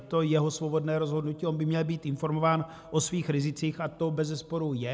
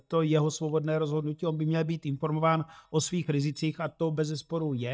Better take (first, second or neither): first